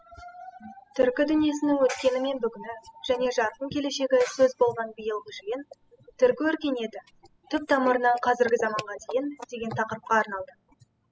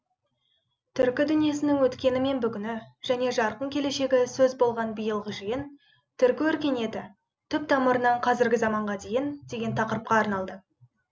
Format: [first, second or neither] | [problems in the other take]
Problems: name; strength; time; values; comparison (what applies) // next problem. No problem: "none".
second | noise reduction (classical method spectral subtraction)